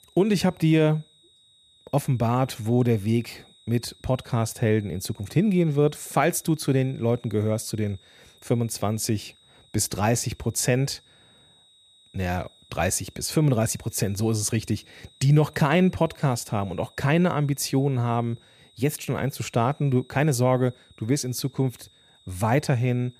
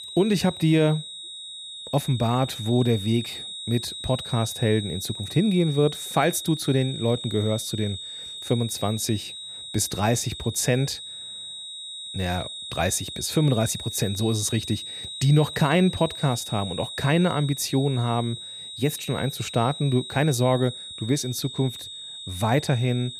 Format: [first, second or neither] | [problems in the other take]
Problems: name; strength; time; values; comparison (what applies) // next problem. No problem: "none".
first | high-pitched whine; loud; throughout; 4 kHz, 9 dB below the speech; faint in the first